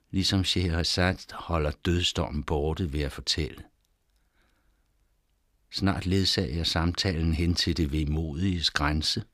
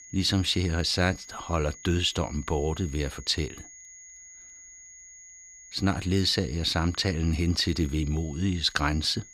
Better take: first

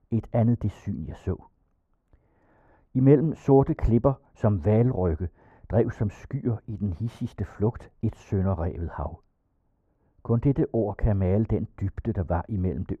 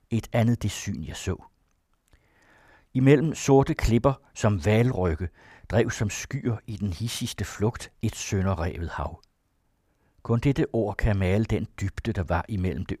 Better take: second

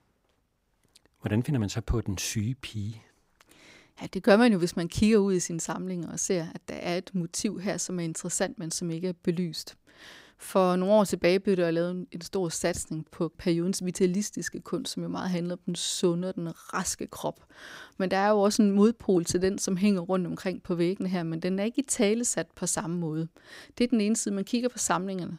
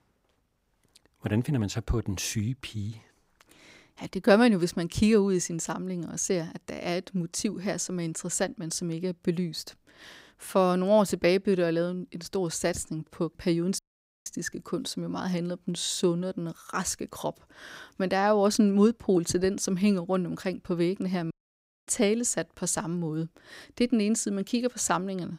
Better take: first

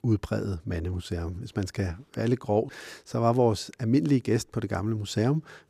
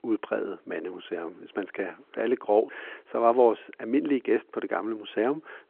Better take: first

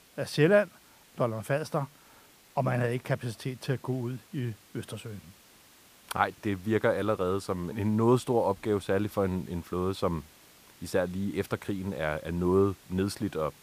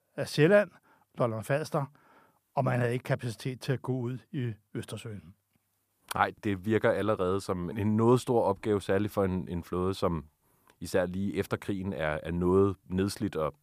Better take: second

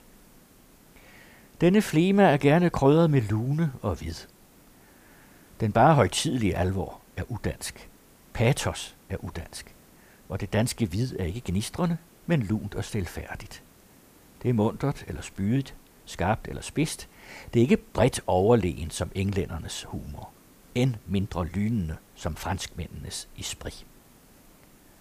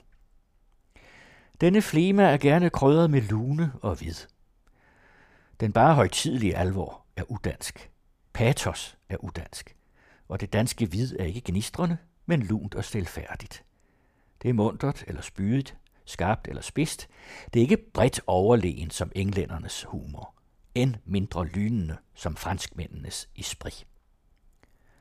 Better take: second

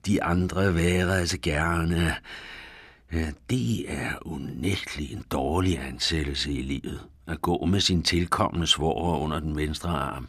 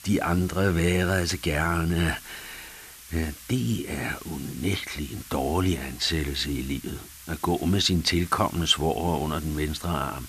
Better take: first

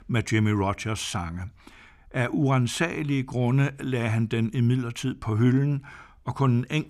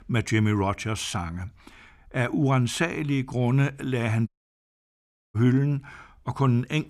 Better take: first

